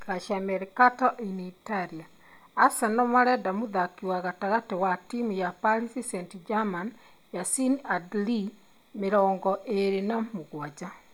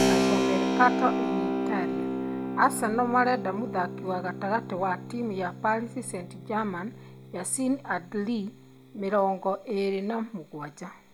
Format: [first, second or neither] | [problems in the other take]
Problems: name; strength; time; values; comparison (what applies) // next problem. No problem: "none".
first | background sound (Keyboard (musical)); 2 dB below the speech